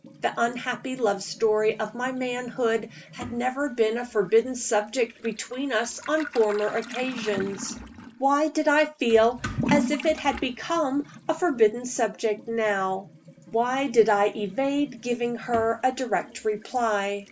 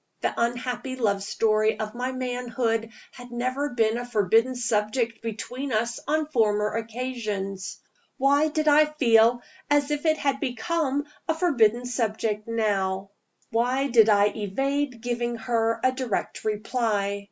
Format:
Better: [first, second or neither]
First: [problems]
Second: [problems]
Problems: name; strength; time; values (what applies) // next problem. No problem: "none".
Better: second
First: background sound (Toilet flush / Liquid); 13 dB below the speech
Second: none